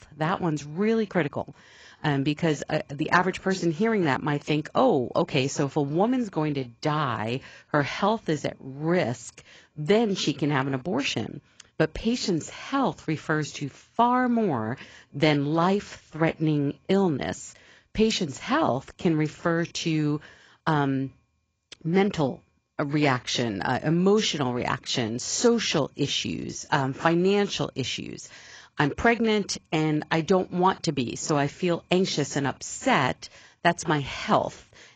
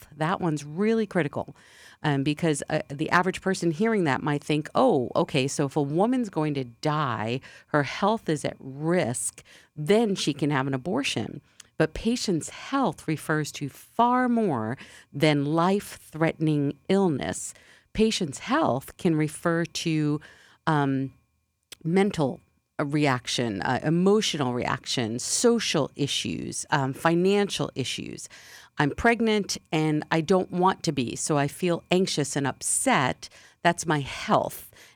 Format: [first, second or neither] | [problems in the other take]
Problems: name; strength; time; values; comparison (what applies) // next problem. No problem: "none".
second | garbled, watery; badly; nothing above 7.5 kHz